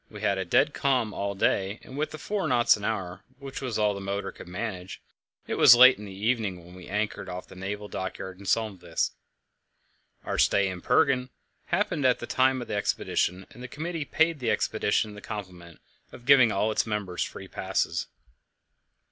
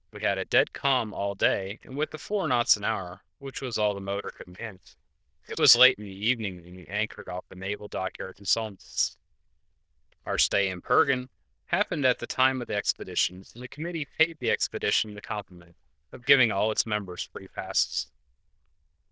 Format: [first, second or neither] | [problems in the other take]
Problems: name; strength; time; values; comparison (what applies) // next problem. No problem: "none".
first | noise reduction (neural diffusion model UNIVERSE++)